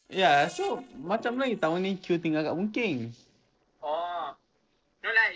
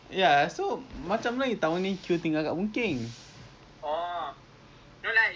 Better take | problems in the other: second | noise reduction (neural separator model SepFormer DNS4)

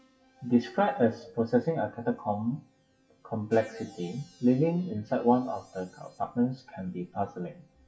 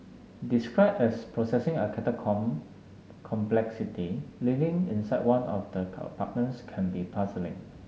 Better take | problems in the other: second | noise reduction (classical method WPE with log-MMSE)

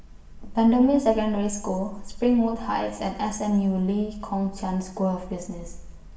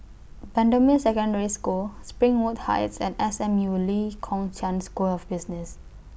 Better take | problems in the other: second | room echo; dies away in 0.7 s

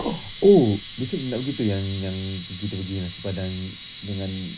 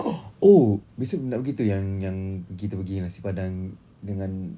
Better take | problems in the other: second | background sound (Camera); 14 dB below the speech

